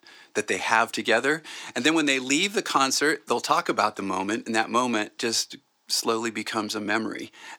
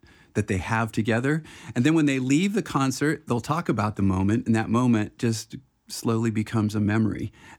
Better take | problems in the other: second | thin; somewhat; fading below 550 Hz

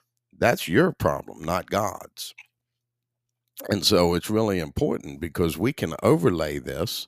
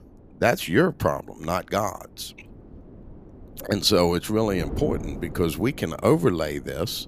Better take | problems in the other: first | wind noise on the microphone; occasional gusts; 20 dB below the speech

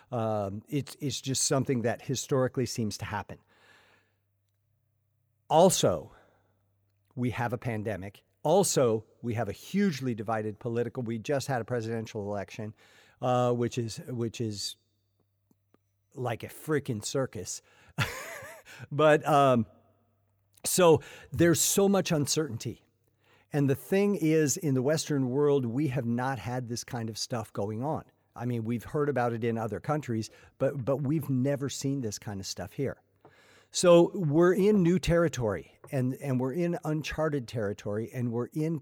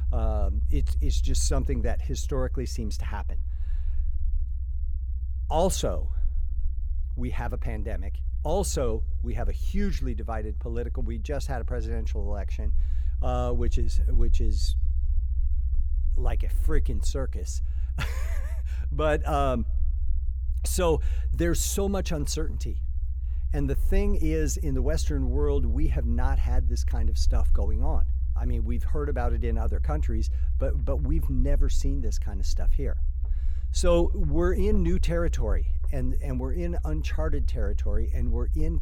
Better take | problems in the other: first | low rumble; noticeable; throughout; 20 dB below the speech

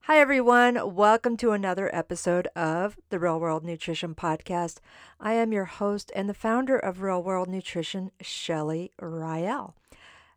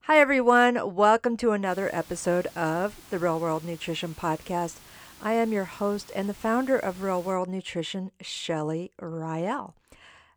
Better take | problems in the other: first | hiss; faint; from 1.5 to 7.5 s; 20 dB below the speech

